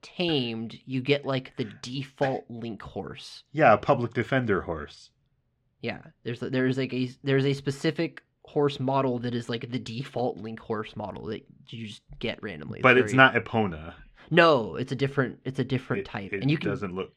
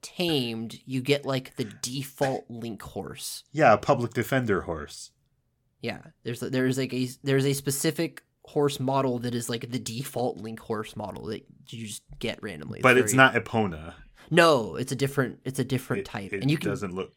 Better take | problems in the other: second | muffled; slightly; fading above 3 kHz

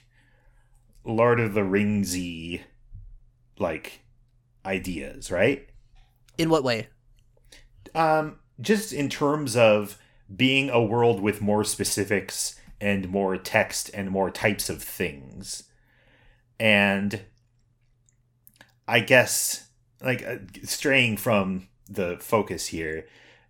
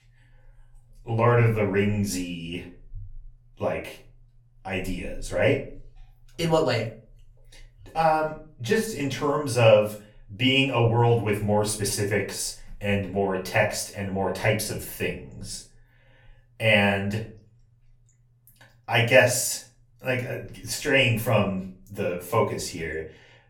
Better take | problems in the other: first | off-mic speech; far // room echo; very slight; dies away in 0.3 s

